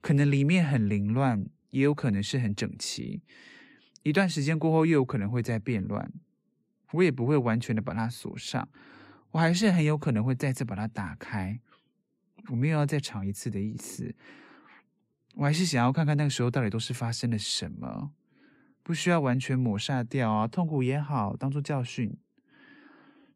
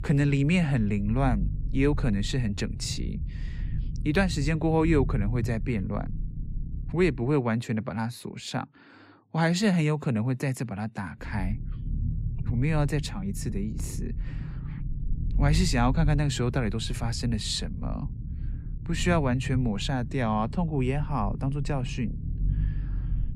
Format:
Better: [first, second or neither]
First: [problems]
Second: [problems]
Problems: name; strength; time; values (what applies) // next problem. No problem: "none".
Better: first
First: none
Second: low rumble; noticeable; until 7.5 s and from 11 s on; 15 dB below the speech